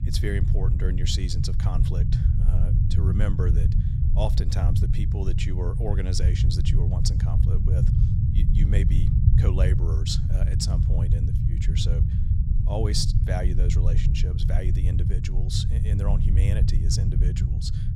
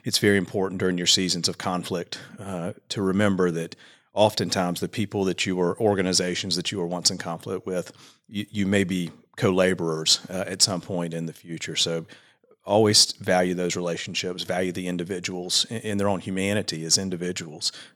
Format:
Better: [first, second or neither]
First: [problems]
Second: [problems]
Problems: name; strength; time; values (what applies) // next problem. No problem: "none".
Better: second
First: low rumble; loud; throughout; 3 dB below the speech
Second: none